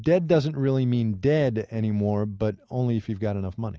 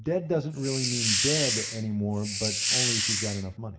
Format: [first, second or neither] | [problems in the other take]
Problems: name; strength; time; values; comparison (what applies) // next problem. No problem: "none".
first | background sound (Hiss); 2 dB above the speech // room echo; dies away in 2.4 s